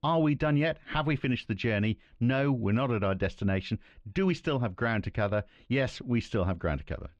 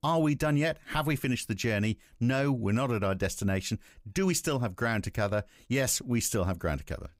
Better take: second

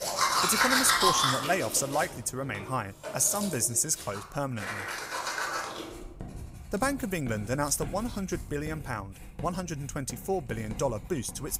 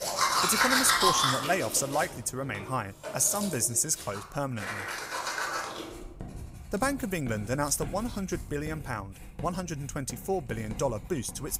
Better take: neither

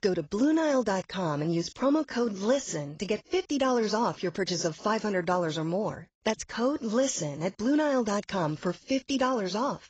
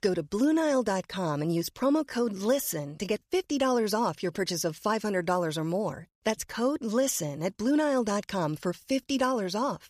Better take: second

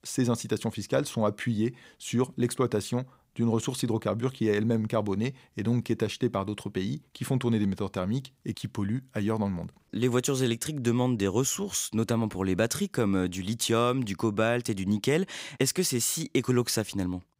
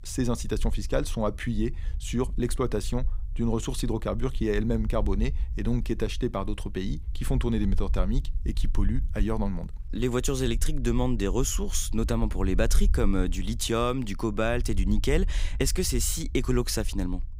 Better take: first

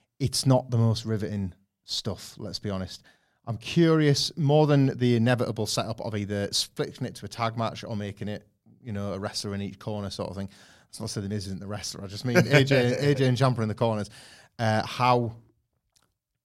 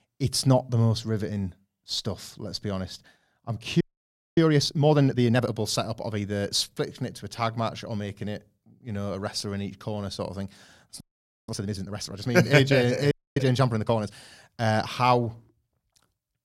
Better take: first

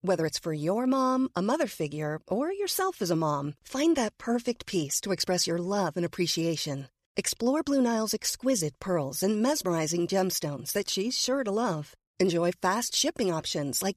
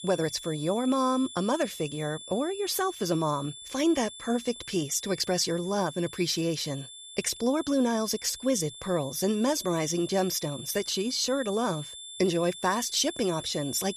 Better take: first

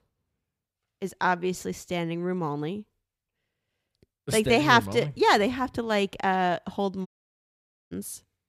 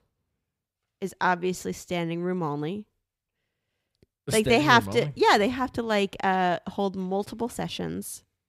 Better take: second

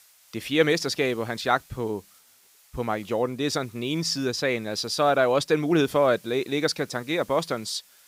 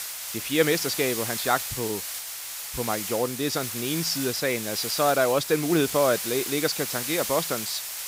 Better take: first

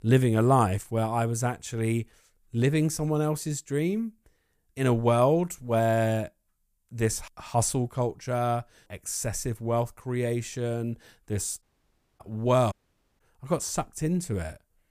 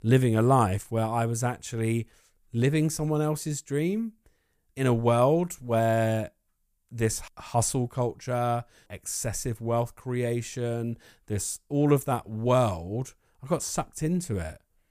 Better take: second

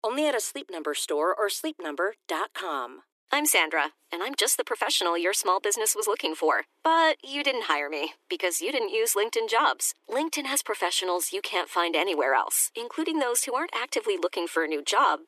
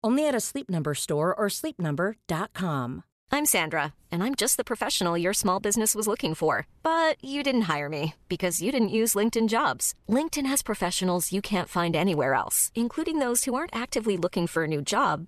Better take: second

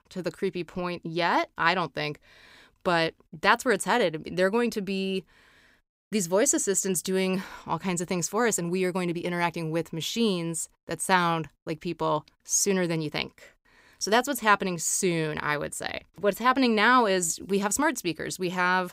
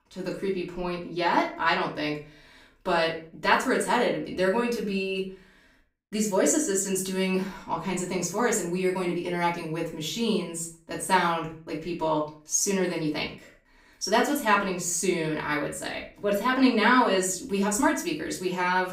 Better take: first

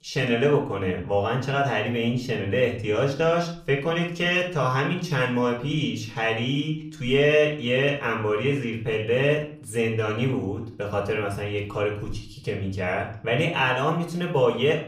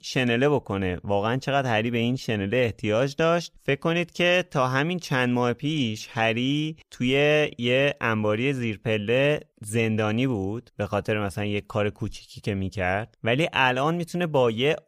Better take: second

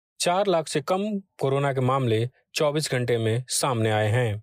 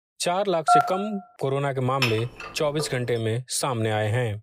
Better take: first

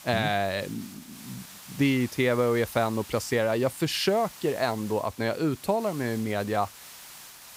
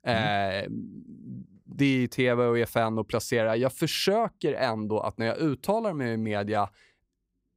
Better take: second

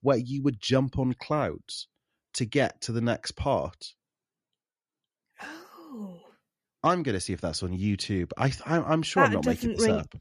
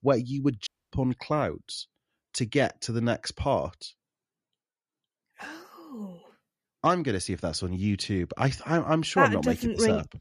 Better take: first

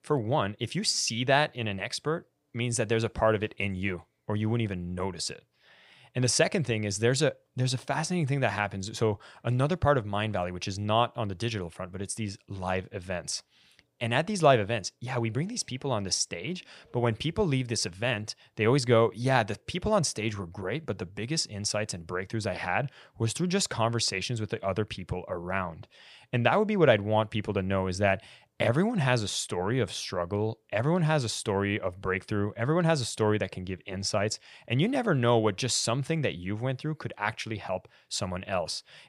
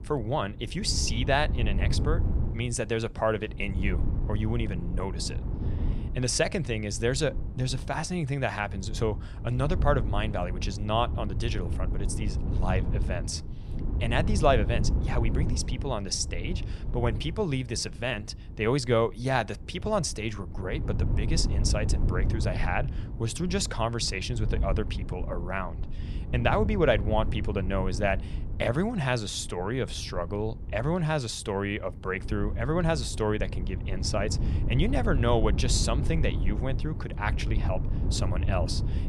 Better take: first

